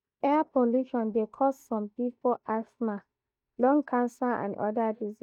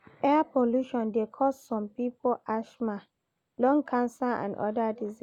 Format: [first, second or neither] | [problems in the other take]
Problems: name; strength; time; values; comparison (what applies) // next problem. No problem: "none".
second | noise reduction (neural mask model DeepFilterNet 3)